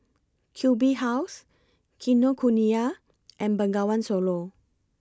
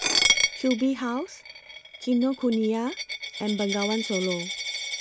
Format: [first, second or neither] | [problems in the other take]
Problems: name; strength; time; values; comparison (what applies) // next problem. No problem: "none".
first | background sound (Coin (dropping)); 2 dB below the speech